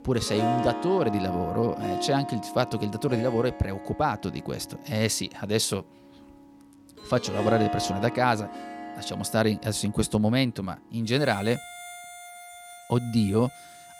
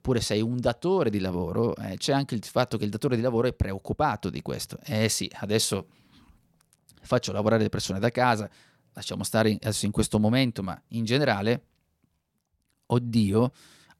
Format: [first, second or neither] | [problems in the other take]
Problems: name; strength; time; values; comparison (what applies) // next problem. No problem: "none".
second | background music; loud; throughout; 8 dB below the speech